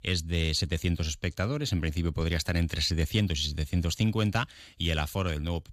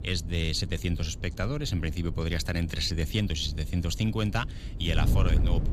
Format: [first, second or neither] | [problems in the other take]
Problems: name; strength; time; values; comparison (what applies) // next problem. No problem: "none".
first | wind noise on the microphone; occasional gusts; 15 dB below the speech